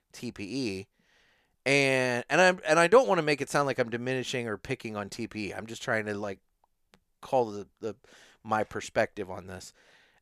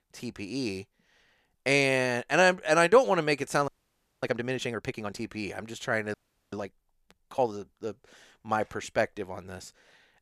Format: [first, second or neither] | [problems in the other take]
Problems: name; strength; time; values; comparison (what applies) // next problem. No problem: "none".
first | audio freezing; at 3.5 s for 0.5 s and at 6 s